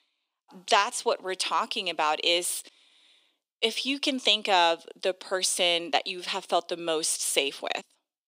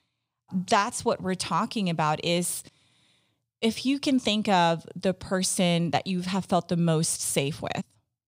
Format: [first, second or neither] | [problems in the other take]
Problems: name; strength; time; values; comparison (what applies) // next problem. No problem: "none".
second | thin; somewhat; fading below 300 Hz